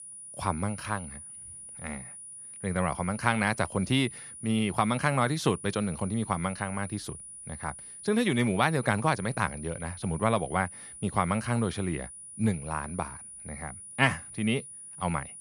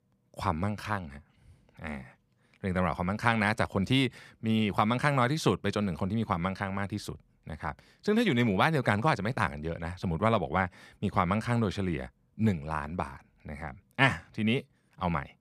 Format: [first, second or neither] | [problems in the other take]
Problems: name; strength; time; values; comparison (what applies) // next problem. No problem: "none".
second | high-pitched whine; noticeable; throughout; 9.5 kHz, 10 dB below the speech